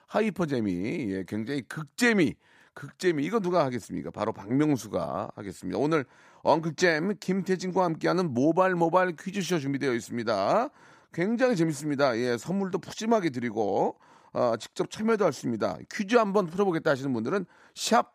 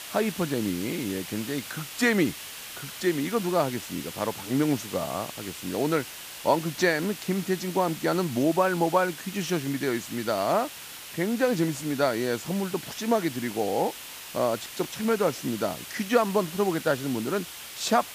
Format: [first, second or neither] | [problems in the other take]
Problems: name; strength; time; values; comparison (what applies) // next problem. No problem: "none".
first | hiss; noticeable; throughout; 10 dB below the speech